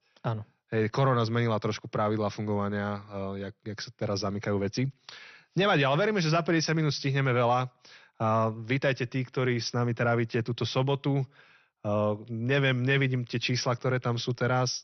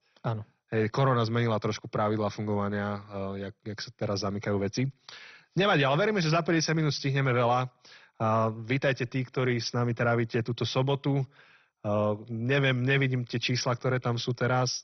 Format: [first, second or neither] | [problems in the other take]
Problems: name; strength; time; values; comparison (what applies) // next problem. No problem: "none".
first | garbled, watery; badly; nothing above 6 kHz; slightly in the first